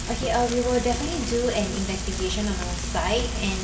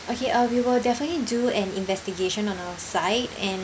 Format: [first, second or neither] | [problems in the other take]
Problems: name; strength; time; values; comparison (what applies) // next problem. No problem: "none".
second | background sound (Frying (food)); 3 dB below the speech // room echo; dies away in 2.6 s